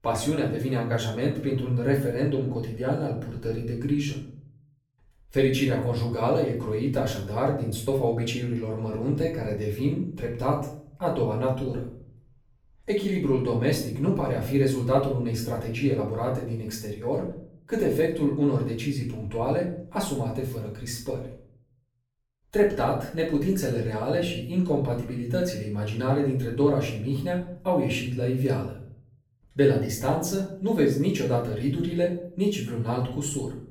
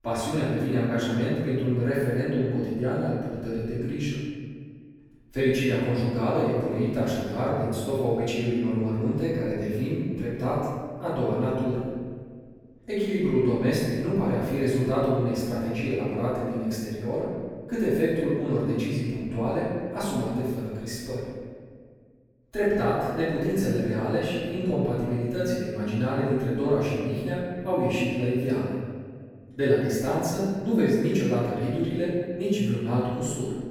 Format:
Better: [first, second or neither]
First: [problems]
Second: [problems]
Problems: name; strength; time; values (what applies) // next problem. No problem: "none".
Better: first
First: room echo; slight; dies away in 0.5 s // off-mic speech; far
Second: room echo; strong; dies away in 1.6 s // off-mic speech; far